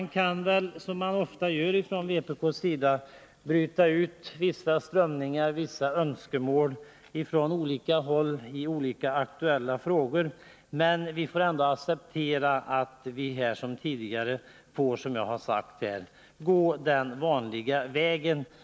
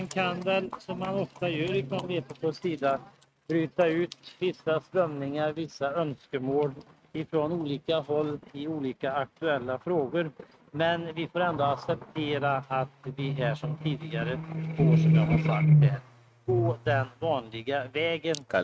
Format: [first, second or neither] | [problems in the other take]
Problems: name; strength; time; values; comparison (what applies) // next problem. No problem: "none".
first | noise reduction (neural mask model RNNoise)